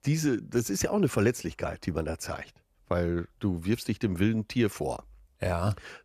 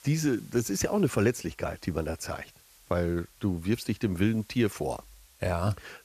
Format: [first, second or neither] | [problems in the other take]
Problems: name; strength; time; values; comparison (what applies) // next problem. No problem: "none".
first | hiss; faint; throughout; 25 dB below the speech